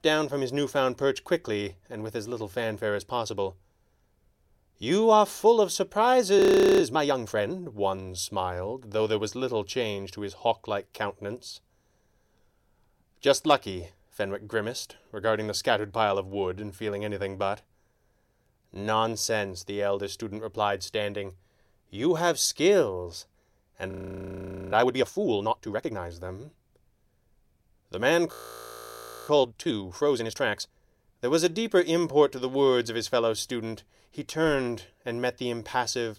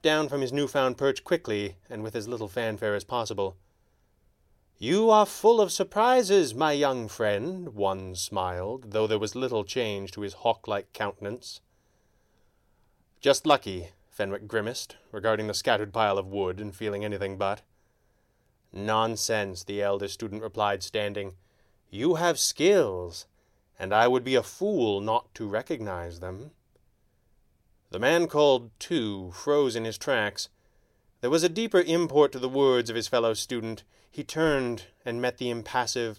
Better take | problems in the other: second | audio freezing; at 6.5 s, at 24 s for 1 s and at 28 s for 1 s

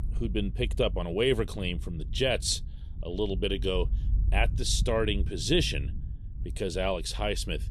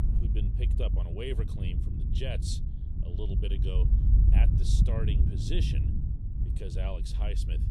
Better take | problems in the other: first | wind noise on the microphone; heavy; 3 dB below the speech; occasional gusts in the first

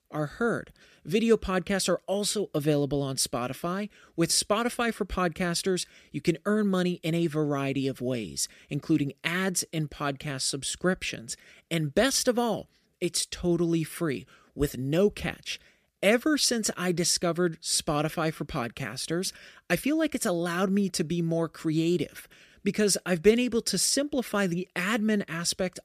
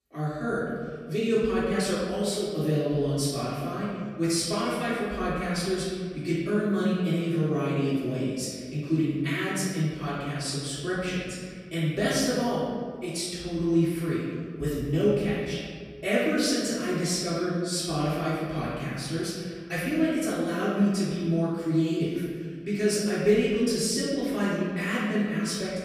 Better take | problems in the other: first | room echo; strong; dies away in 1.9 s // off-mic speech; far

